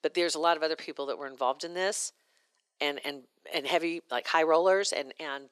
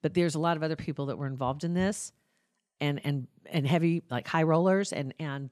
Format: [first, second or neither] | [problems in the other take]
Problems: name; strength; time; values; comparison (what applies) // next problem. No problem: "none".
second | thin; very; fading below 400 Hz